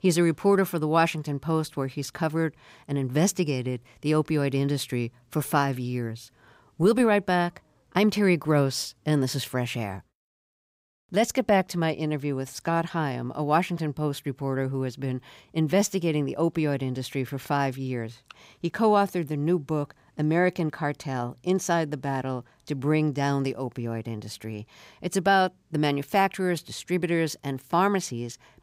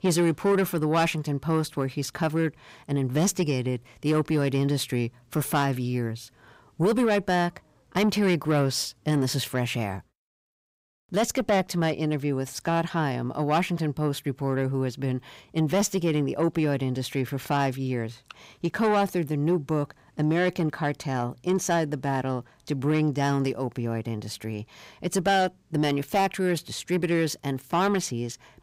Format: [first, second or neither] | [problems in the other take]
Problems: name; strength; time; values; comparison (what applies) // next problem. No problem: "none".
first | distortion; slight; 10 dB below the speech